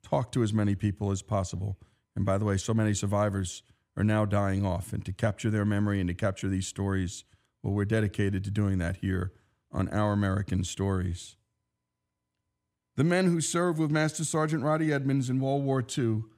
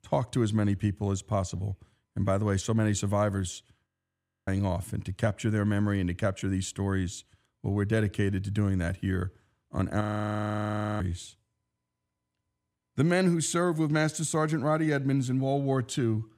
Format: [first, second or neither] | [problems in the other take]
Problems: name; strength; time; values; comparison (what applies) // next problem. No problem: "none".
first | audio freezing; at 4 s for 0.5 s and at 10 s for 1 s